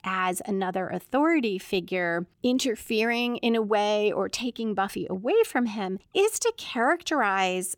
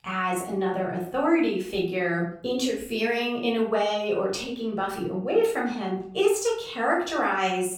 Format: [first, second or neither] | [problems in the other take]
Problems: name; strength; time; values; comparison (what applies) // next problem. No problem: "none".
first | off-mic speech; far // room echo; slight; dies away in 0.4 s